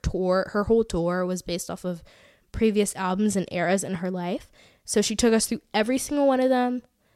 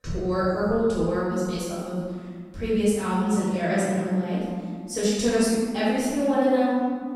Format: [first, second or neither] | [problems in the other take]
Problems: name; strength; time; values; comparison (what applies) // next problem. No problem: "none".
first | room echo; strong; dies away in 1.8 s // off-mic speech; far